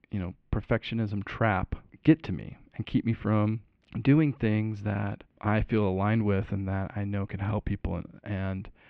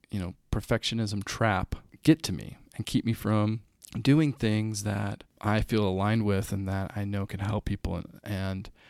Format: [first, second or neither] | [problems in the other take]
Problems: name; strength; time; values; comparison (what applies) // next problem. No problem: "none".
second | muffled; very; fading above 2.5 kHz